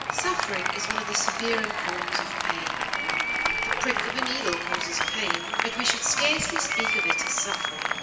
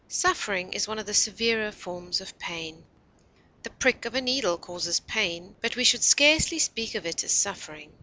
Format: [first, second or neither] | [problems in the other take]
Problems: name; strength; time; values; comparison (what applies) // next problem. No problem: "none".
second | background sound (Applause); 3 dB above the speech // room echo; dies away in 0.8 s